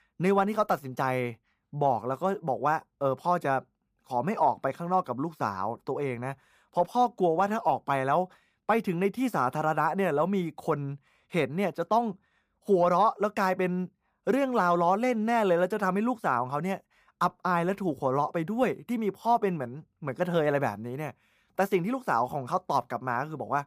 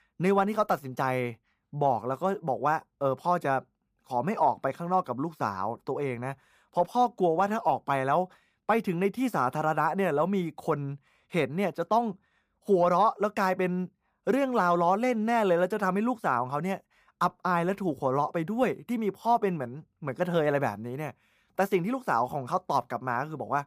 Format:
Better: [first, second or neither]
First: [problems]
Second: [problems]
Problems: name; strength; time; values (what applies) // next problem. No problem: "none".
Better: neither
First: none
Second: none